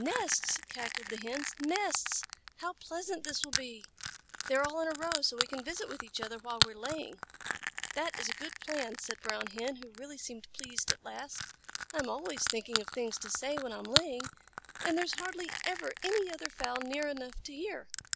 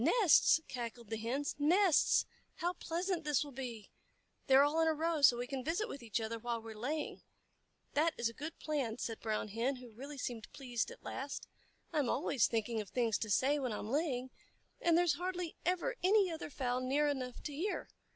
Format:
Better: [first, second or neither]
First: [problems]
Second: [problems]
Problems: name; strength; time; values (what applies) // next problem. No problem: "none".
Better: second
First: background sound (Crushing); 2 dB below the speech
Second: none